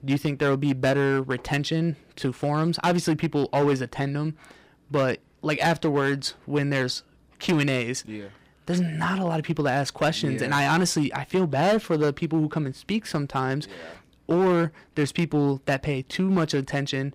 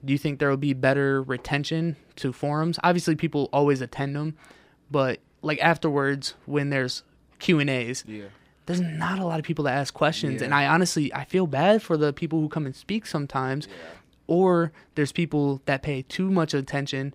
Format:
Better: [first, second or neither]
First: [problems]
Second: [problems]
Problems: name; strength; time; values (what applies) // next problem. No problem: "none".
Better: second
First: distortion; slight; 6% of the sound clipped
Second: none